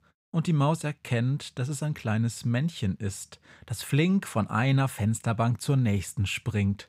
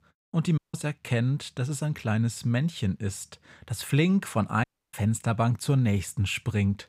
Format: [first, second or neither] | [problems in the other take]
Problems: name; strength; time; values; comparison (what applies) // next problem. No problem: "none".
first | audio cutting out; at 0.5 s and at 4.5 s